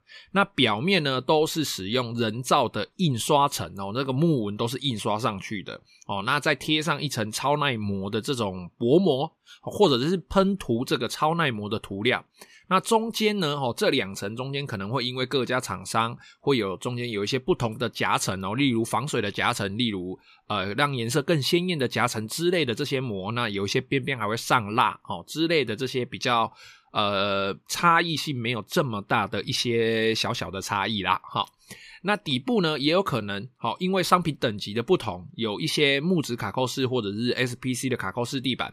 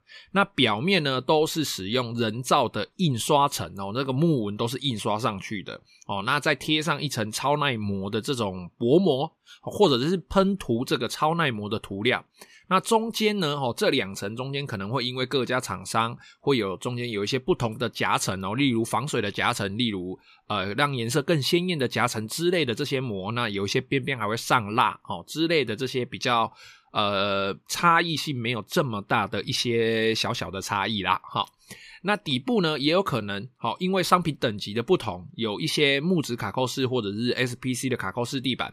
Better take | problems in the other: neither | none

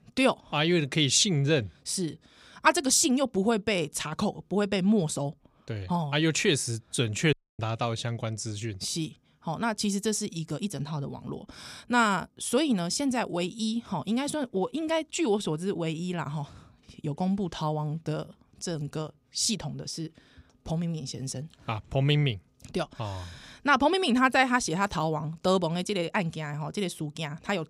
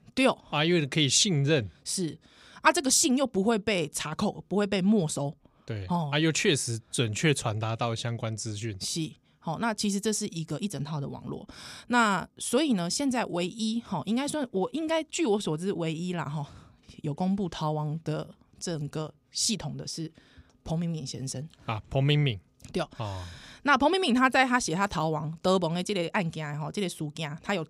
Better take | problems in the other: second | audio cutting out; at 7.5 s

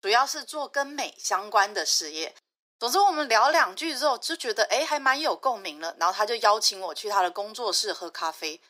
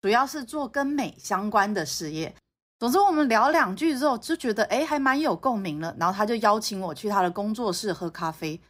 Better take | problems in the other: second | thin; very; fading below 400 Hz

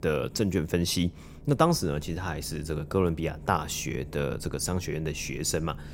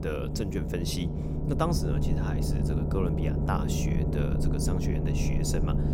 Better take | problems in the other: first | low rumble; loud; throughout; 2 dB below the speech; faint in the first

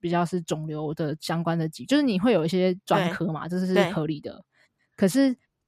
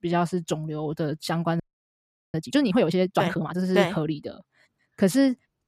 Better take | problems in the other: first | audio freezing; at 1.5 s for 0.5 s

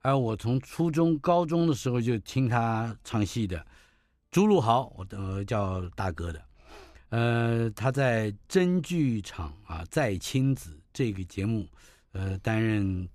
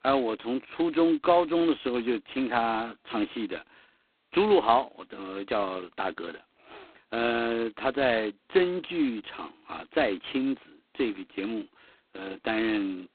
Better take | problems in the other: first | phone-call audio; poor line; nothing above 4 kHz

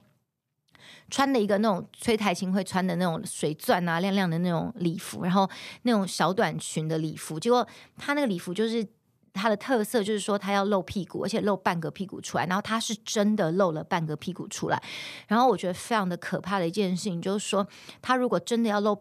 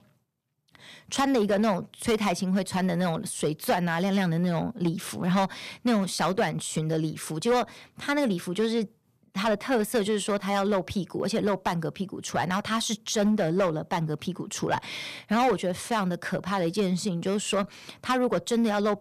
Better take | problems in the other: first | distortion; slight; 5% of the sound clipped

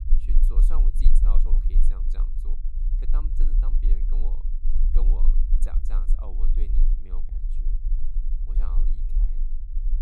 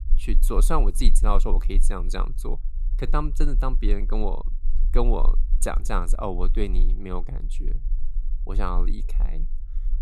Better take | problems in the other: second | low rumble; loud; throughout; 3 dB below the speech; faint in the second

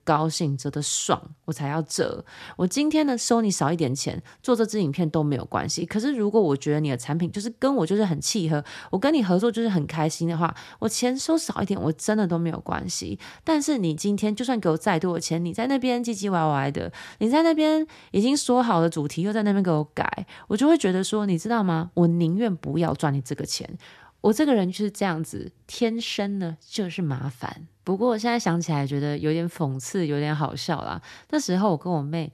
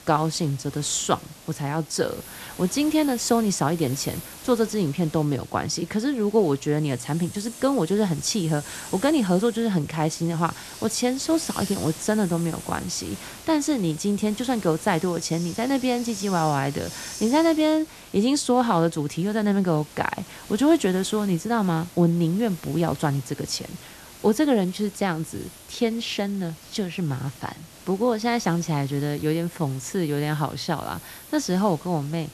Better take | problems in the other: first | hiss; noticeable; throughout; 15 dB below the speech

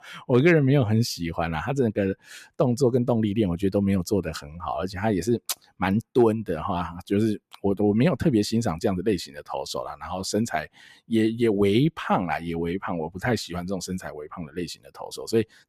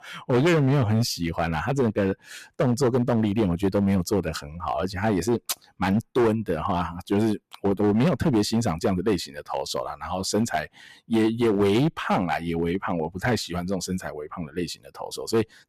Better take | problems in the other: first | distortion; slight; 8% of the sound clipped

